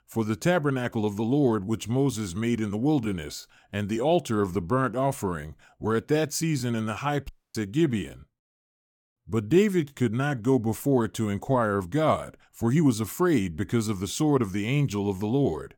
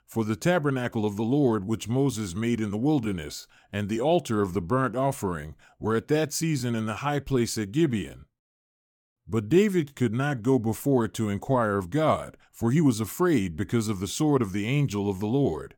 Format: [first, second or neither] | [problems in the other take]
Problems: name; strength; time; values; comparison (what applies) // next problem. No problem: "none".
second | audio cutting out; at 7.5 s